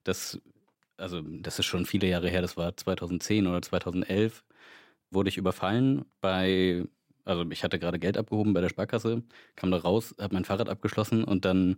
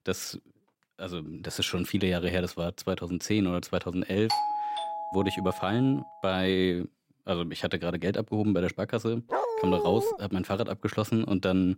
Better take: first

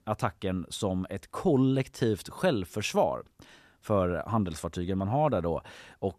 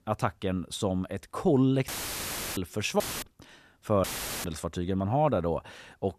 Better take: first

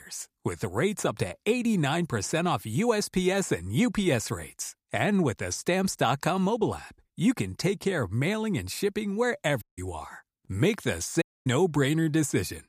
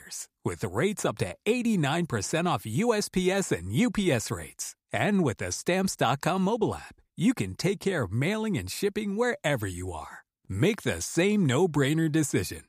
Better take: second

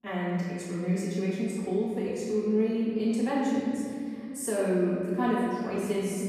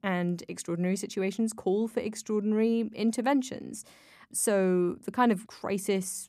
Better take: second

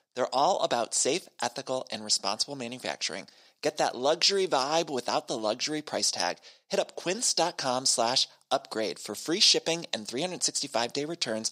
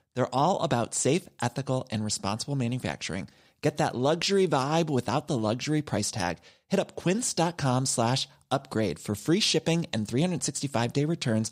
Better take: second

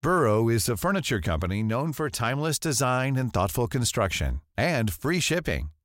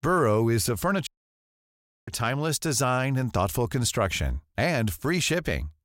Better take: first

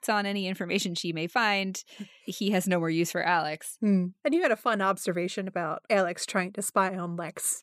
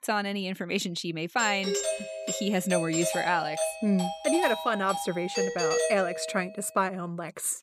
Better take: first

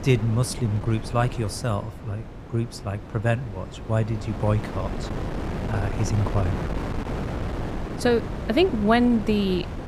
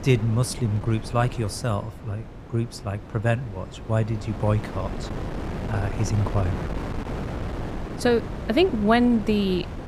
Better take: second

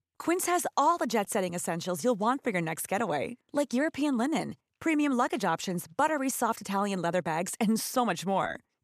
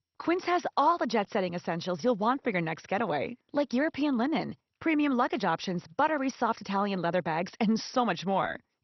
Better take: first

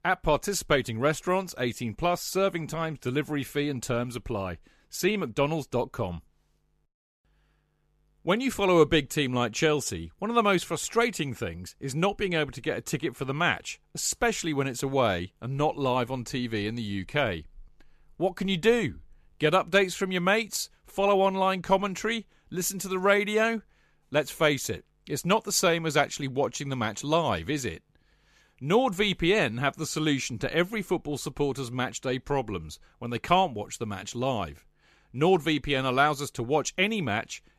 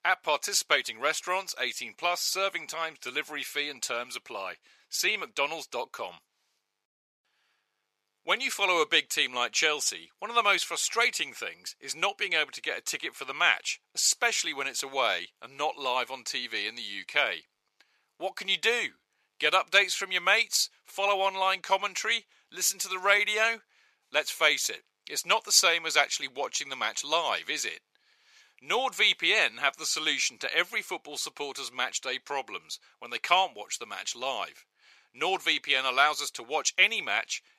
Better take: first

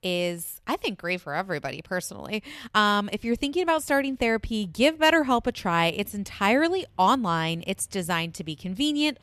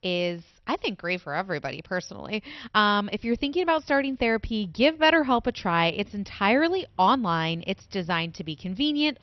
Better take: first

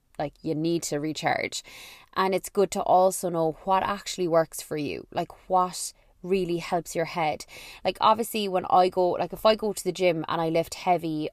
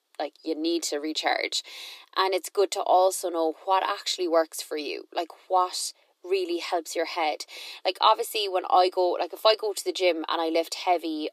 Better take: first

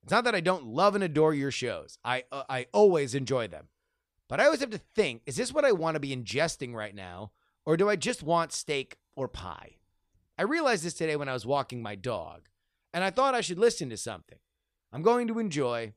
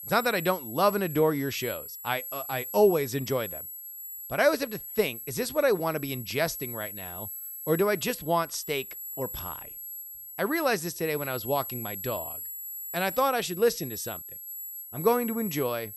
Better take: first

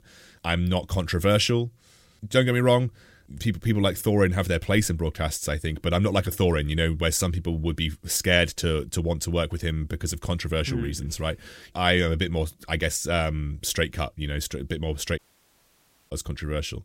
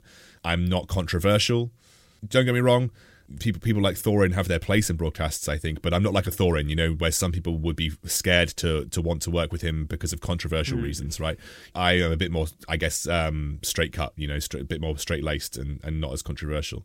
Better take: second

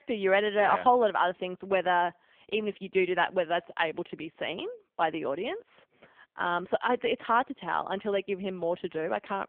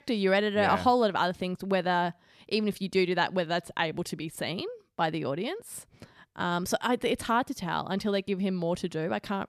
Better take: second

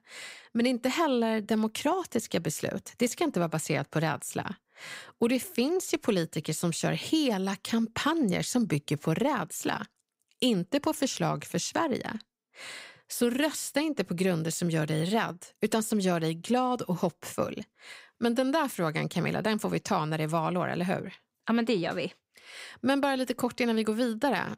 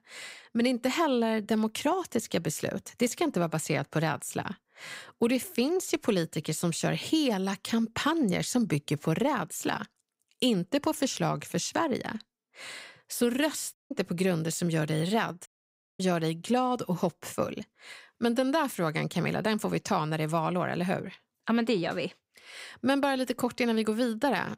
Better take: first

